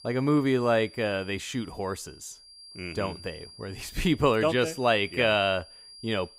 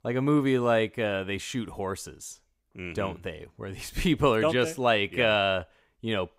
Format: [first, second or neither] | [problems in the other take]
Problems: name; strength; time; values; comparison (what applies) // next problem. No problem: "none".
second | high-pitched whine; faint; throughout; 4.5 kHz, 20 dB below the speech